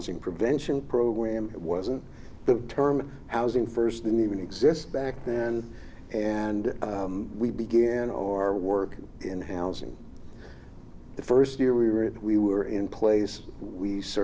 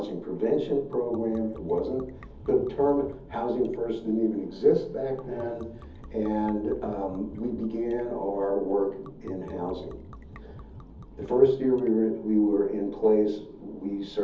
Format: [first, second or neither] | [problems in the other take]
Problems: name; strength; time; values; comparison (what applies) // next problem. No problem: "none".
first | background sound (Liquid); 20 dB below the speech // room echo; dies away in 0.7 s